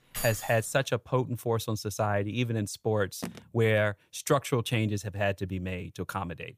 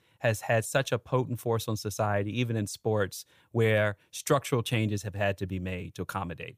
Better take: second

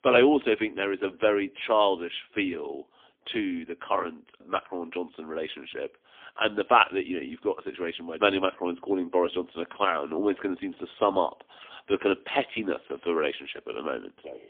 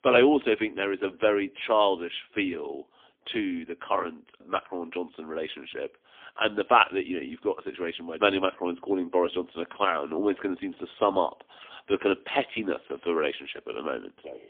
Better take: neither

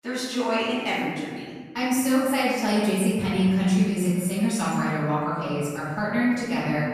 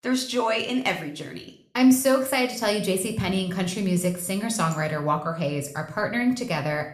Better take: second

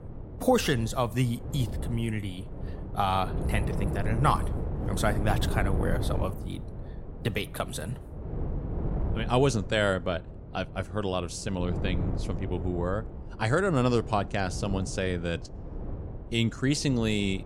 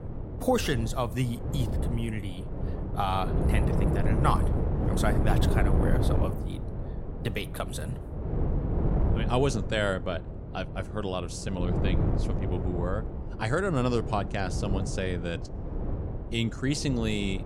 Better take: first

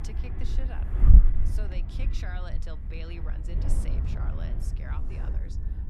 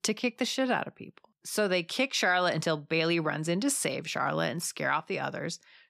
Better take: second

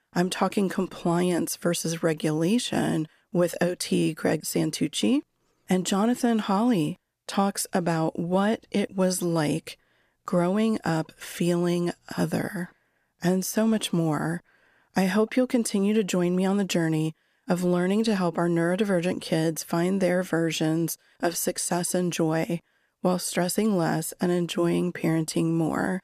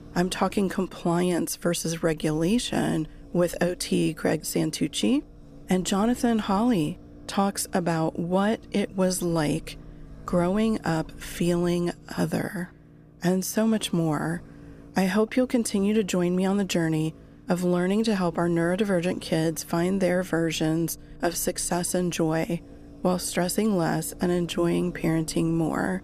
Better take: first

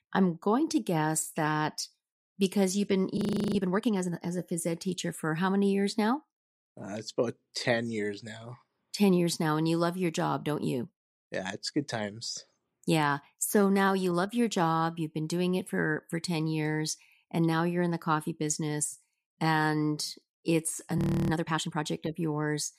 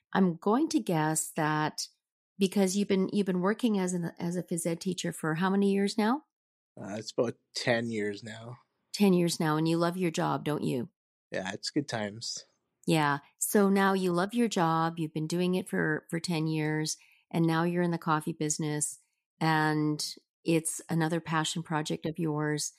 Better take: second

